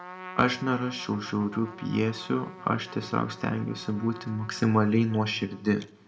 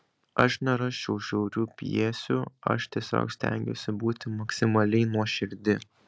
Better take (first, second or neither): second